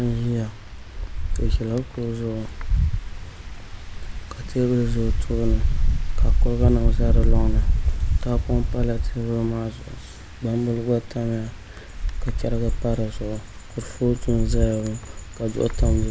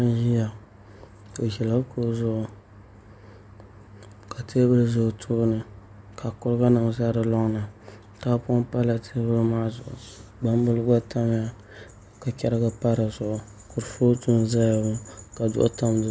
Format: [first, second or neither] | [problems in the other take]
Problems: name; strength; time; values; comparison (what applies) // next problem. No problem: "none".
second | background sound (Wind); 4 dB above the speech